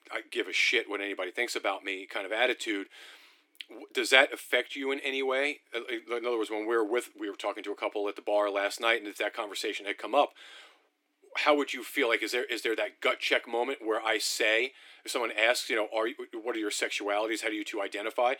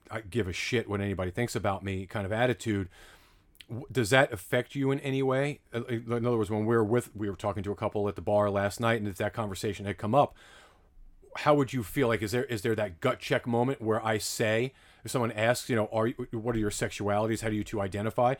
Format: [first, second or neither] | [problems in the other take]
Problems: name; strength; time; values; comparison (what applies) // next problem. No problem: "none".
second | thin; somewhat; fading below 300 Hz